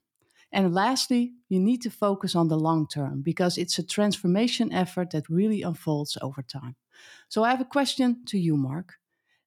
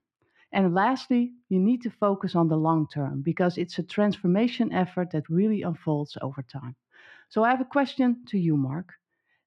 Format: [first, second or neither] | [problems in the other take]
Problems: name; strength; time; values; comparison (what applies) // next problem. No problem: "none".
first | muffled; very; fading above 2 kHz